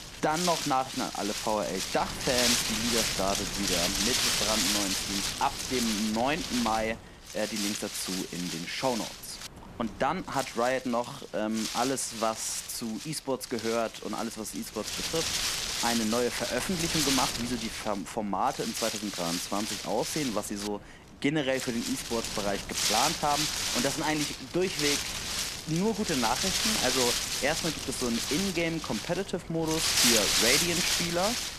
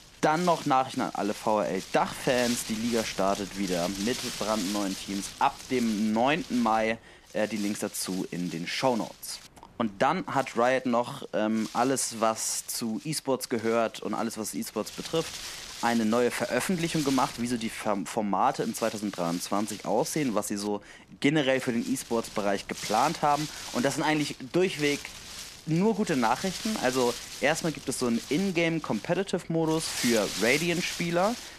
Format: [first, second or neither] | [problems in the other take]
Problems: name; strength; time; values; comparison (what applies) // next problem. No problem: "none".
second | wind noise on the microphone; heavy; 2 dB above the speech; occasional gusts in the second